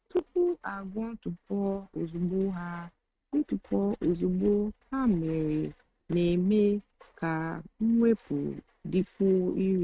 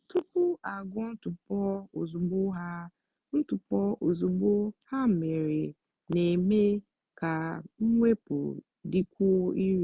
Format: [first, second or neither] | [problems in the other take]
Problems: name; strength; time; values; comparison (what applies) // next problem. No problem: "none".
second | noise reduction (neural mask model RNNoise)